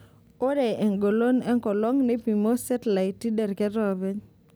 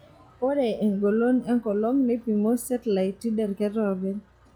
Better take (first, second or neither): first